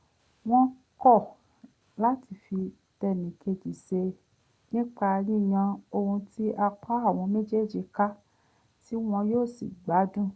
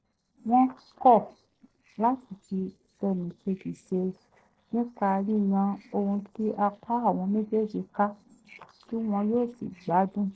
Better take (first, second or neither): first